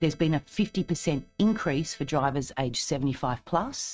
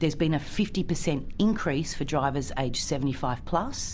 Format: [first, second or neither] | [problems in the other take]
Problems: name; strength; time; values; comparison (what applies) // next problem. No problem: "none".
second | noise reduction (neural mask model RNNoise)